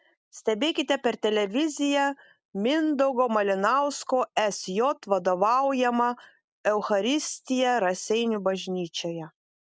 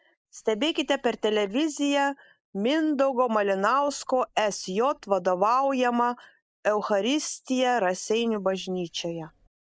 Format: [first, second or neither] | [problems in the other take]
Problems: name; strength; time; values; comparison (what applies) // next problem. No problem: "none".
first | noise reduction (neural mask model Resemble Enhance denoiser)